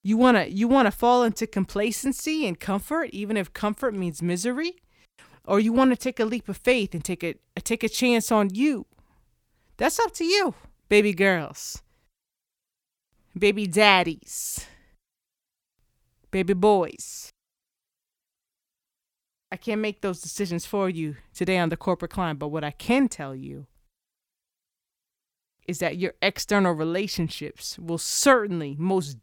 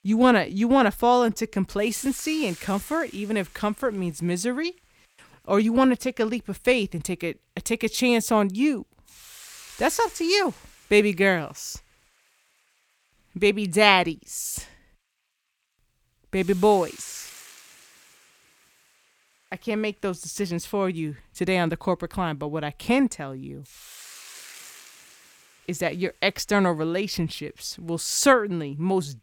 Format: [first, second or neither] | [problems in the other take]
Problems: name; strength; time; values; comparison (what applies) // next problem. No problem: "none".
first | hiss; faint; throughout; 20 dB below the speech